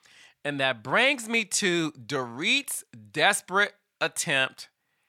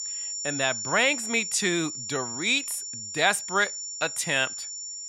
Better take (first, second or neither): first